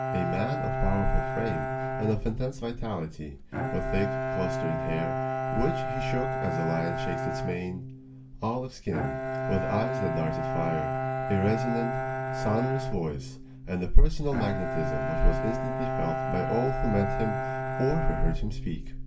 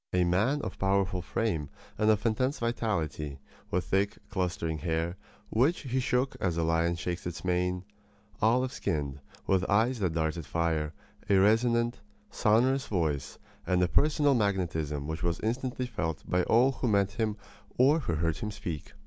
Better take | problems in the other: second | background sound (Bowed string instrument); 3 dB below the speech // room echo; dies away in 0.2 s

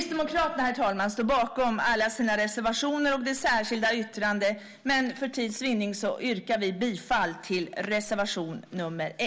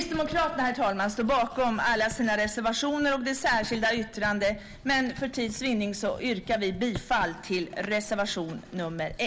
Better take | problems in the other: first | background sound (Writing); 18 dB below the speech

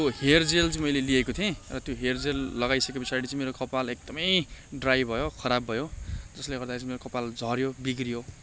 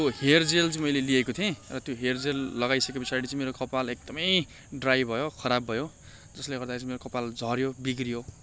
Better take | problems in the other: second | background sound (Wind); 15 dB below the speech

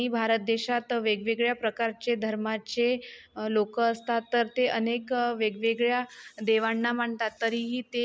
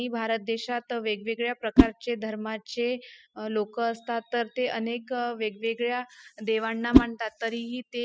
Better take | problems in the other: first | noise reduction (classical method spectral subtraction)

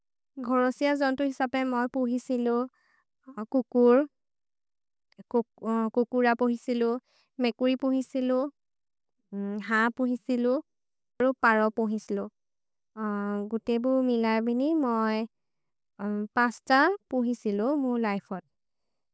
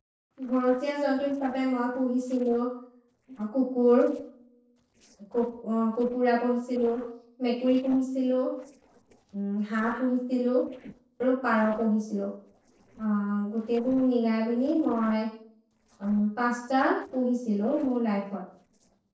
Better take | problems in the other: first | noise reduction (neural separator model SepFormer DNS4)

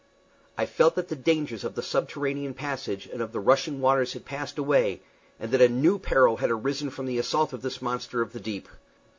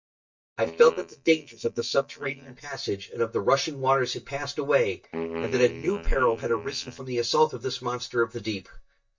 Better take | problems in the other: first | noise reduction (neural mask model DeepFilterNet 3)

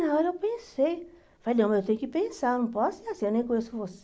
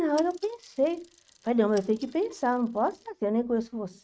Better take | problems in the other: first | noise reduction (neural mask model RNNoise)

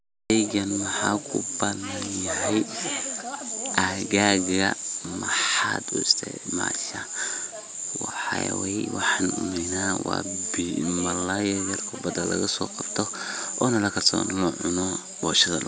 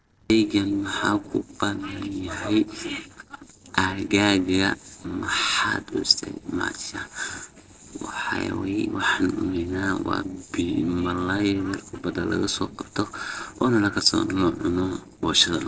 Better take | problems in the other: first | noise reduction (neural separator model SepFormer DNS4)

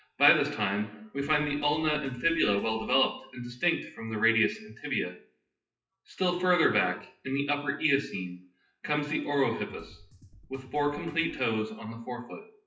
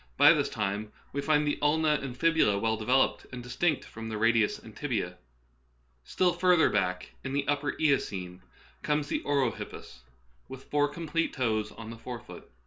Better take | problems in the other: second | noise reduction (classical method WPE with log-MMSE)

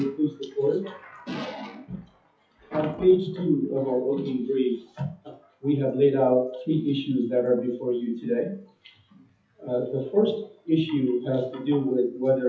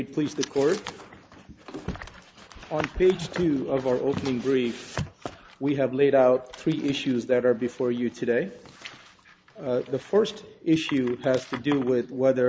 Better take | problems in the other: second | noise reduction (classical method WPE with log-MMSE)

